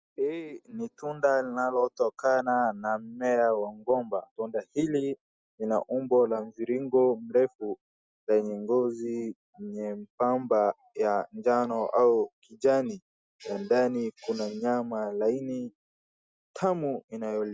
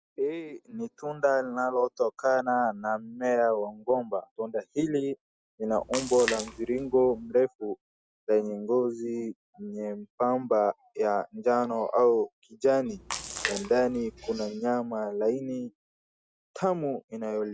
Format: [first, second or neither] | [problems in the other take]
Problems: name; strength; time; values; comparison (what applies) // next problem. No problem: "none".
first | background sound (Splash, splatter); 10 dB below the speech